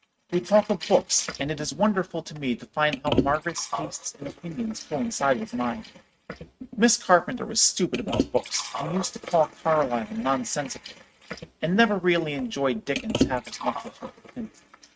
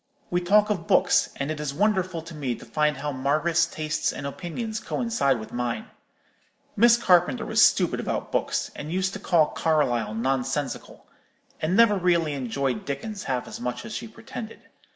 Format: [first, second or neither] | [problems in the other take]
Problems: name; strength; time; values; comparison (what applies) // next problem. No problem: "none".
second | noise reduction (neural mask model RNNoise)